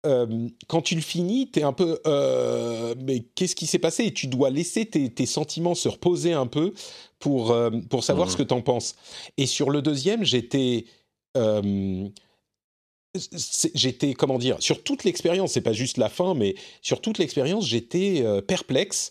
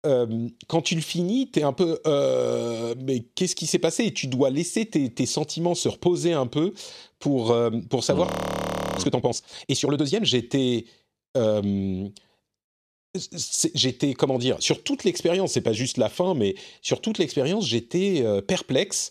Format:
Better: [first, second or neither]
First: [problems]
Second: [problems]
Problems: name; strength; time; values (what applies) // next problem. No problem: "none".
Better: first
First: none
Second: audio freezing; at 8.5 s for 0.5 s